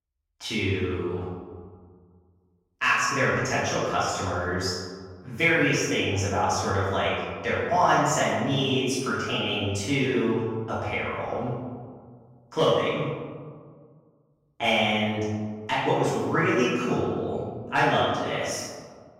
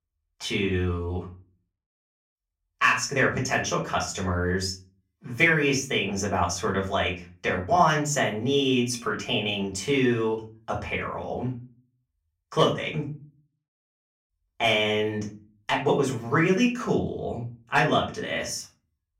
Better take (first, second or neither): second